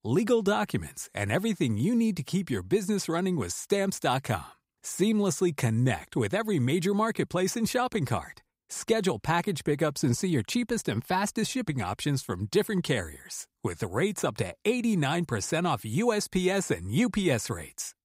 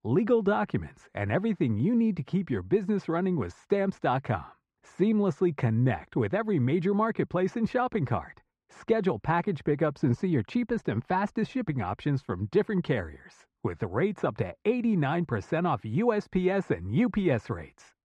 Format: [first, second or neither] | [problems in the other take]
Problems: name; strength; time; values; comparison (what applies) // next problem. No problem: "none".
first | muffled; very; fading above 2 kHz